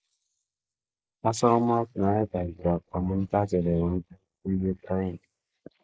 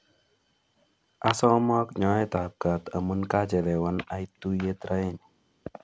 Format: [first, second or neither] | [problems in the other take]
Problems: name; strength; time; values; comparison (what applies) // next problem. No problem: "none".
second | noise reduction (neural mask model Resemble Enhance denoiser)